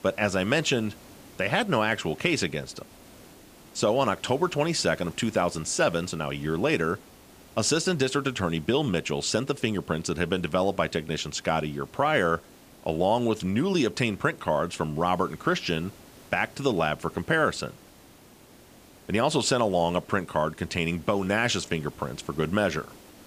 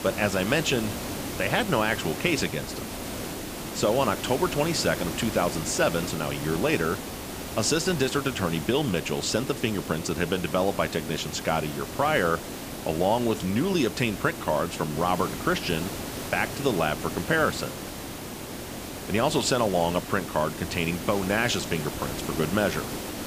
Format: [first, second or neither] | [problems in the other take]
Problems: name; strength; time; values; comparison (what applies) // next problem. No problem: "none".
first | hiss; loud; throughout; 8 dB below the speech; faint in the first